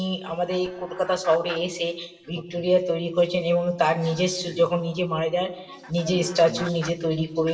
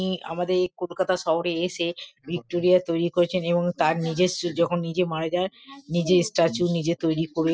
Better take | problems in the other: second | background sound (Chicken, rooster); 18 dB below the speech // room echo; dies away in 1.2 s

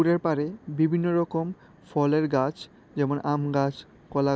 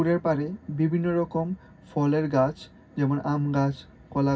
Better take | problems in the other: first | room echo; dies away in 0.4 s

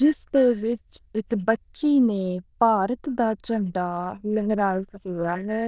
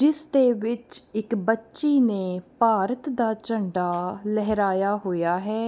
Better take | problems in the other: second | noise reduction (neural diffusion model UNIVERSE++)

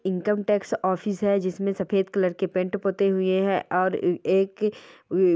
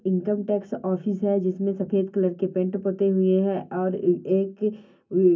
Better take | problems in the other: first | room echo; dies away in 0.3 s

